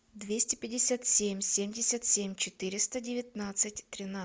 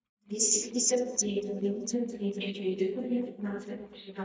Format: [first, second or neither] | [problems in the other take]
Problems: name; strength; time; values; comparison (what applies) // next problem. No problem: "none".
first | noise reduction (neural mask model DeepFilterNet 3)